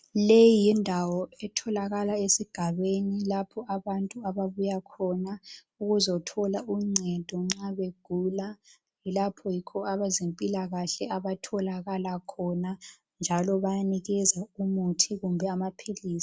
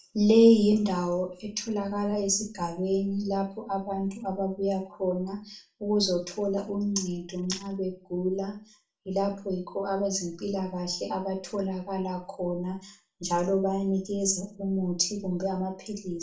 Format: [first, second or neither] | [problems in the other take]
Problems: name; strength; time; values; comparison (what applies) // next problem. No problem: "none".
first | room echo; dies away in 0.3 s